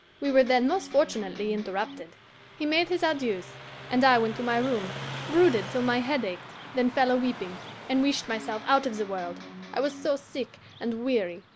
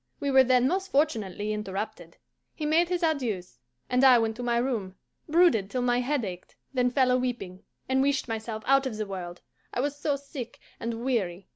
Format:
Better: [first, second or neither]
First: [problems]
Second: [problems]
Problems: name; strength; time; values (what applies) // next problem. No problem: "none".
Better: second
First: background sound (Electric guitar + Car passing by); 14 dB below the speech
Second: none